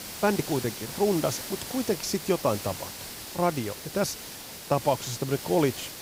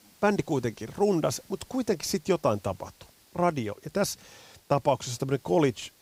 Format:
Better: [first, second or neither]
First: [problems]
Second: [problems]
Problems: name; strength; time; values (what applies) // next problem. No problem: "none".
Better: second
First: hiss; loud; throughout; 8 dB below the speech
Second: hiss; faint; throughout; 30 dB below the speech